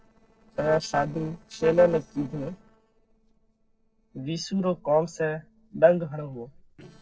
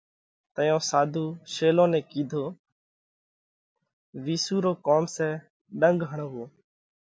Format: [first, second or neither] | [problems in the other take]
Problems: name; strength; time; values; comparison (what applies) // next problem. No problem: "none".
second | noise reduction (neural separator model SepFormer DNS4)